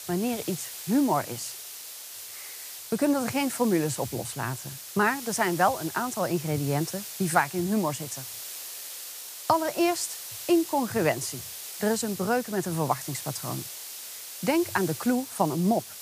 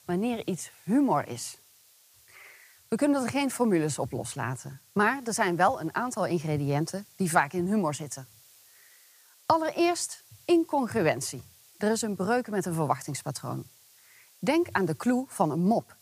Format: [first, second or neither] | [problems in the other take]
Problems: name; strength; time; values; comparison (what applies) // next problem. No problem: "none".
second | hiss; loud; throughout; 9 dB below the speech; faint in the second